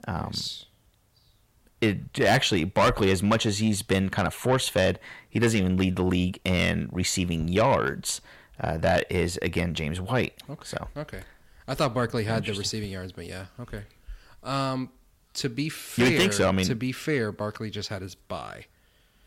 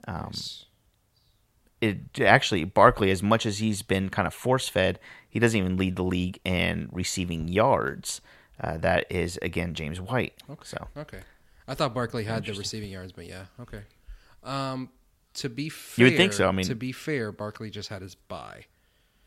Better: second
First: distortion; heavy; 7 dB below the speech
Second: none

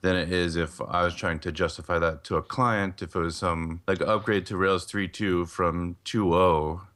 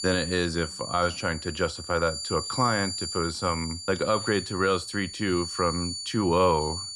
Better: first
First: none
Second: high-pitched whine; loud; throughout; 4.5 kHz, 7 dB below the speech

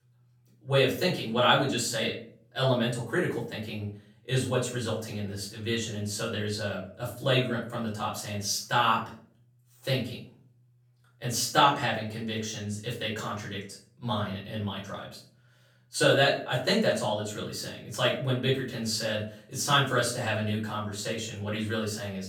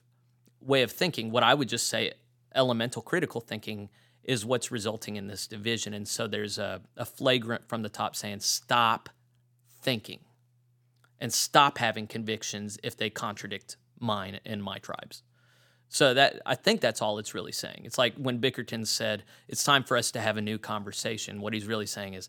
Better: second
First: off-mic speech; far // room echo; slight; dies away in 0.4 s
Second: none

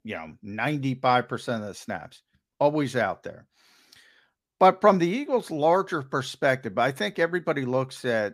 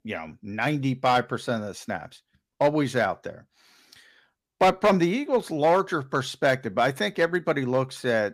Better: first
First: none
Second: distortion; slight; 2% of the sound clipped

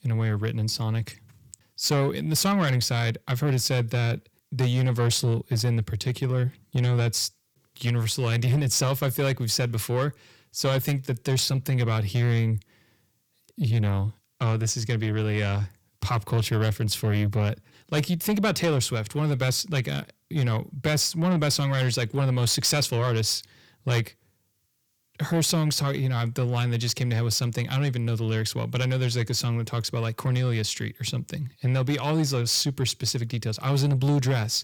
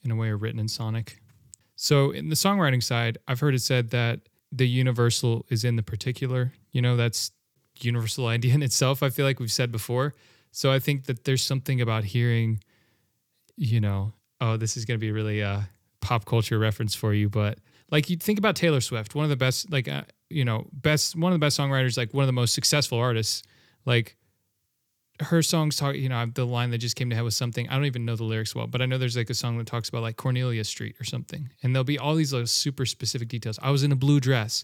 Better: second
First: distortion; slight; 10 dB below the speech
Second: none

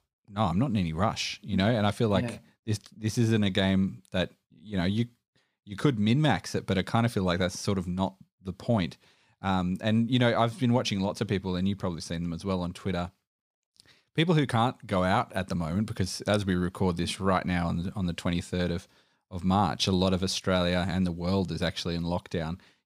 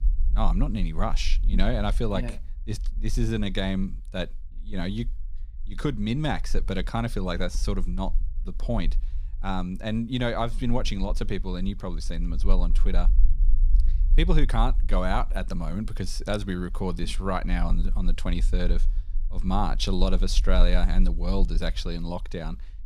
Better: first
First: none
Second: low rumble; faint; throughout; 25 dB below the speech

